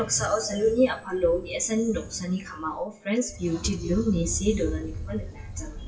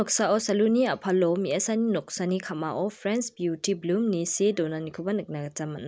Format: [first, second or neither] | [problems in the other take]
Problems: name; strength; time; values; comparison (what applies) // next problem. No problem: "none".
second | noise reduction (classical method WPE with log-MMSE)